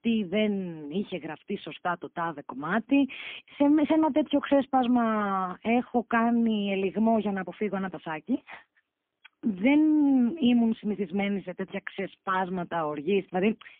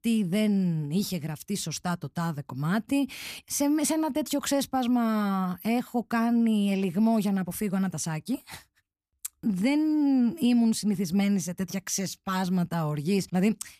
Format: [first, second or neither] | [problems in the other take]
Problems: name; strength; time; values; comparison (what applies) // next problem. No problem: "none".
second | phone-call audio; poor line; nothing above 3.5 kHz